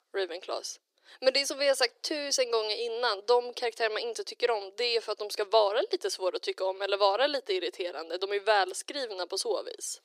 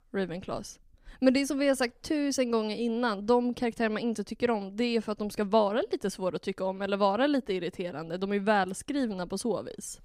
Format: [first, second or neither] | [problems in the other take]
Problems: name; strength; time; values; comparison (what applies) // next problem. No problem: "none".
second | thin; very; fading below 350 Hz